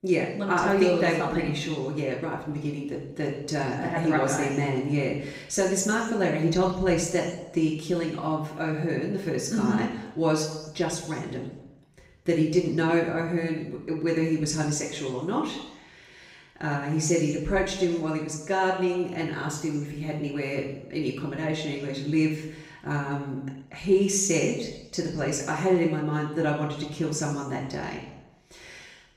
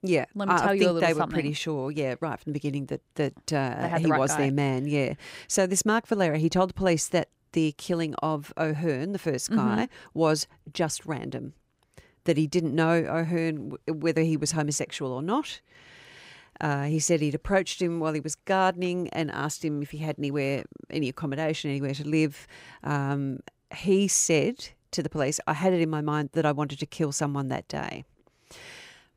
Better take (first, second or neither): second